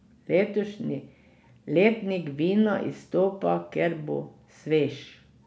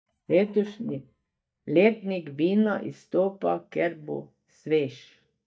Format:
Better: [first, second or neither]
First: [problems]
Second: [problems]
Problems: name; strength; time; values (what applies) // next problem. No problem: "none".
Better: first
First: none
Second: noise reduction (neural mask model DeepFilterNet 3)